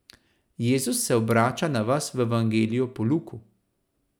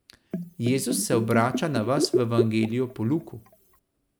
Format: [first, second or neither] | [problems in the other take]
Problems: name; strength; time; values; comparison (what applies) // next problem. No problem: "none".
first | background sound (Bathtub (filling or washing)); 4 dB below the speech